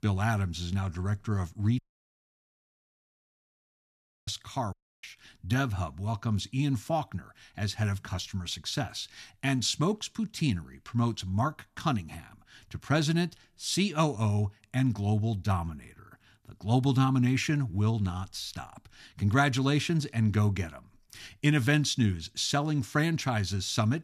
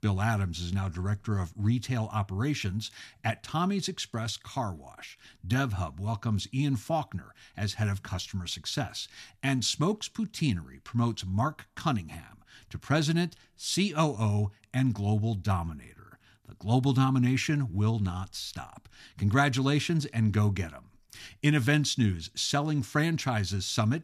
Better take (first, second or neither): second